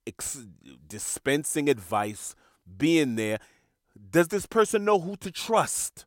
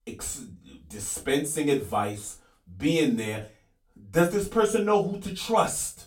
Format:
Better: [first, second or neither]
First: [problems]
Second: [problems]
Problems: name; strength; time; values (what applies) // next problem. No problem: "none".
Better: first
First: none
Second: off-mic speech; far // room echo; very slight; dies away in 0.2 s